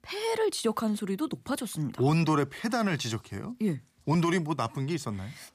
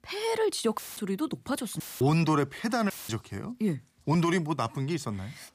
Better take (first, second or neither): first